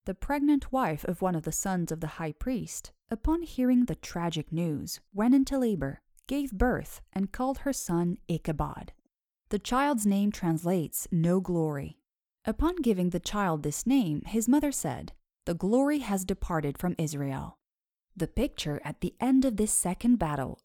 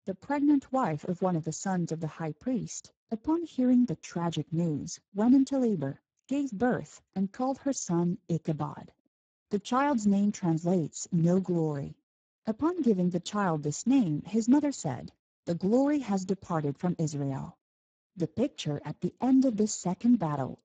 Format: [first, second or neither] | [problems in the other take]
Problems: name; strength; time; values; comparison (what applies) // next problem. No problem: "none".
first | garbled, watery; badly; nothing above 7.5 kHz